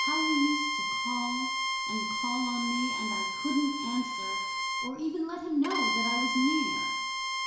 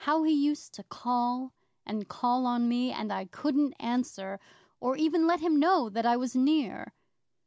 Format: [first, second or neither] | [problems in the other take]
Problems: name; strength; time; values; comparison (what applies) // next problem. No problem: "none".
second | background sound (Bowed string instrument); 1 dB above the speech // room echo; dies away in 0.7 s